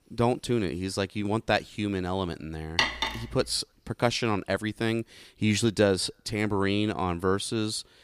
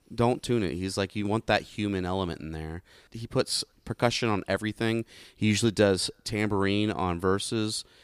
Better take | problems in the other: second | clattering dishes; loud; at 3 s; peak 3 dB above the speech

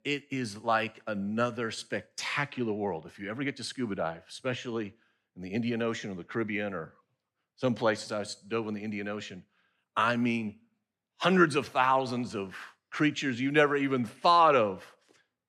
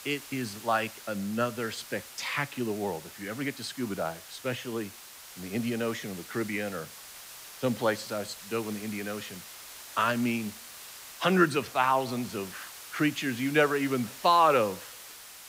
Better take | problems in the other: first | hiss; noticeable; throughout; 15 dB below the speech

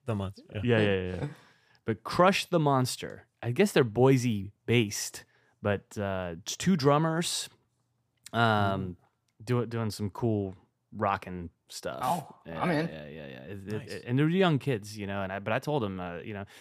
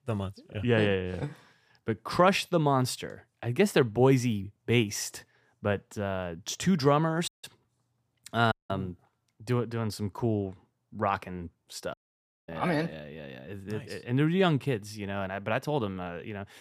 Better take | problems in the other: first | audio cutting out; at 7.5 s, at 8.5 s and at 12 s for 0.5 s

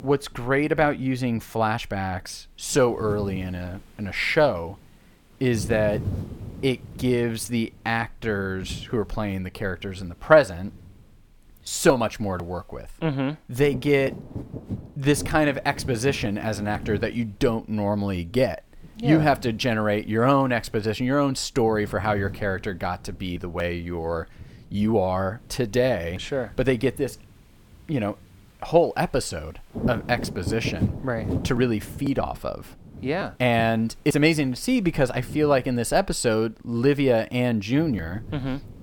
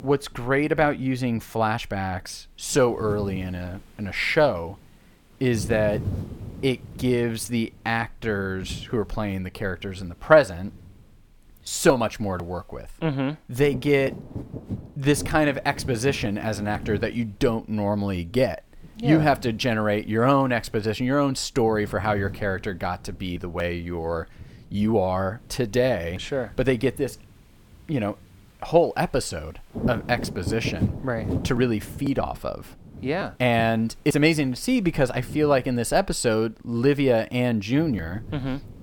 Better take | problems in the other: neither | wind noise on the microphone; occasional gusts; 20 dB below the speech; the same in both

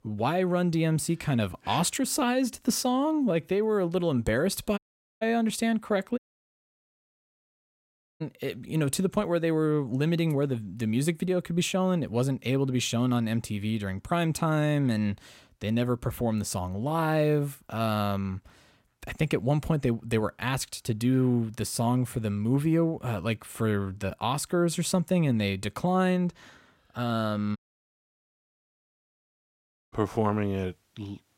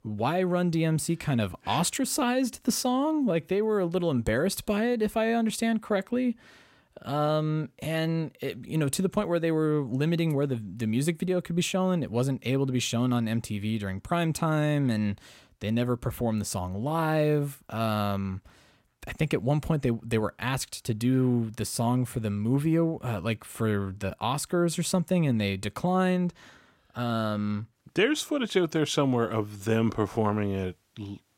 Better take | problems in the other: second | audio cutting out; at 5 s, at 6 s for 2 s and at 28 s for 2.5 s

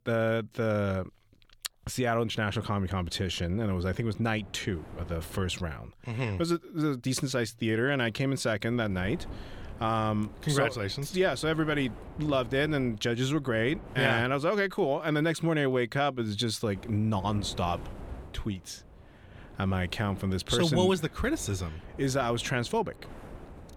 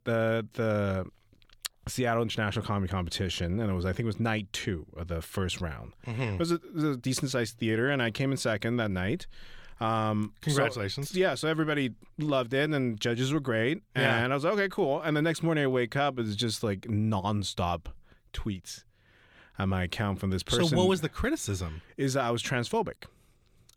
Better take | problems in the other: second | wind noise on the microphone; occasional gusts; from 2.5 to 6 s, from 8.5 to 14 s and from 17 s on; 20 dB below the speech

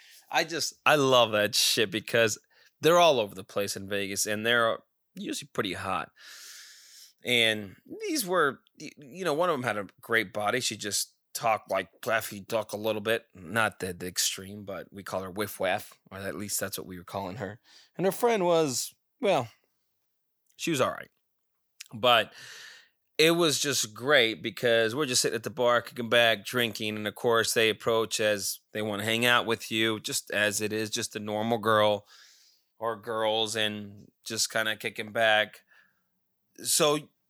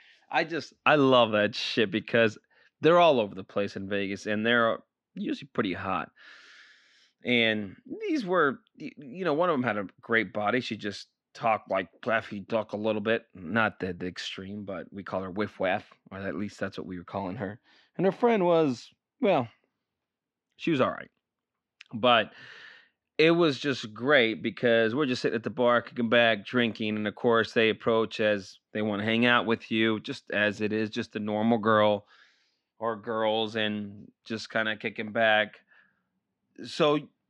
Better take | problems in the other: first | muffled; slightly; fading above 3 kHz

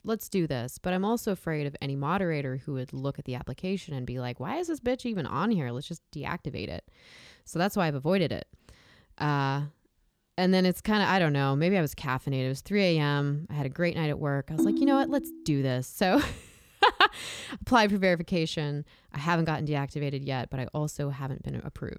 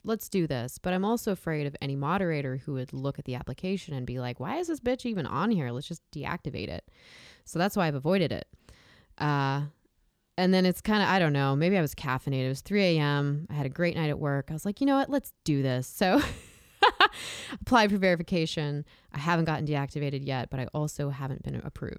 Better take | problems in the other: second | phone ringing; loud; at 15 s; peak 2 dB above the speech

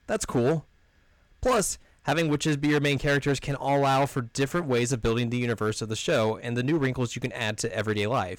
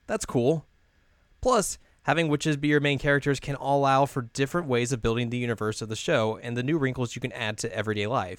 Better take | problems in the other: second | distortion; slight; 8% of the sound clipped

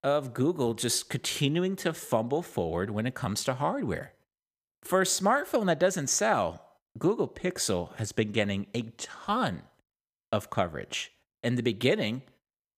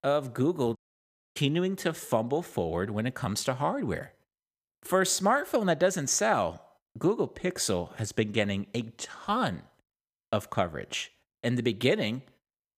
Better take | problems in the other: first | audio cutting out; at 1 s for 0.5 s

